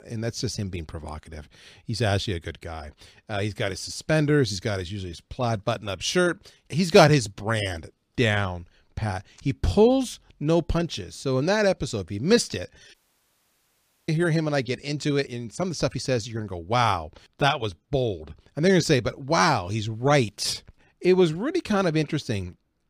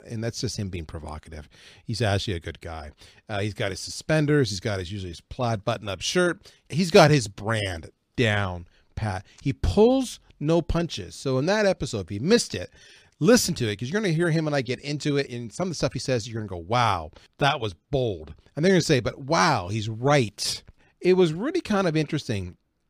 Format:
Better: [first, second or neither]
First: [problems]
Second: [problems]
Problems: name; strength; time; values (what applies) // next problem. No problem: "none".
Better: second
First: audio cutting out; at 13 s for 1 s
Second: none